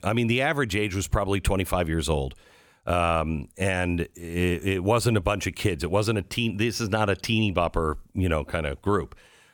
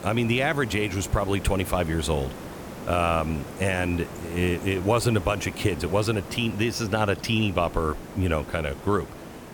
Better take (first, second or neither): first